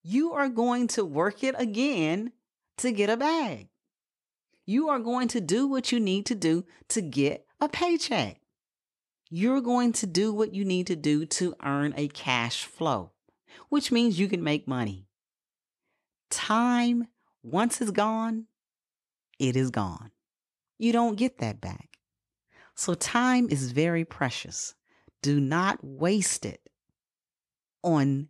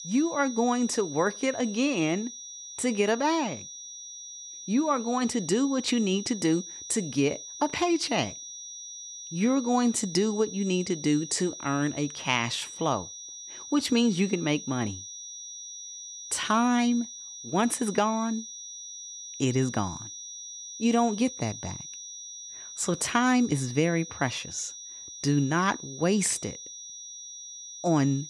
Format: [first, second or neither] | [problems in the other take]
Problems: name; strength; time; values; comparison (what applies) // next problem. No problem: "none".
first | high-pitched whine; noticeable; throughout; 6 kHz, 10 dB below the speech